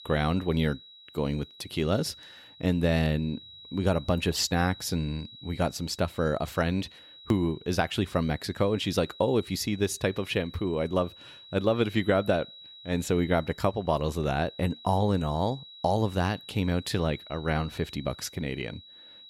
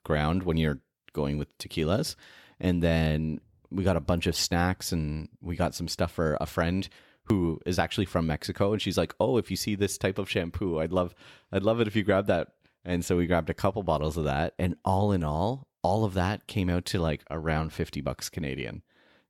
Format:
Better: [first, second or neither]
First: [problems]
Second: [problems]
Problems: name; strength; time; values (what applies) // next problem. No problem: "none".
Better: second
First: high-pitched whine; noticeable; throughout; 4 kHz, 20 dB below the speech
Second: none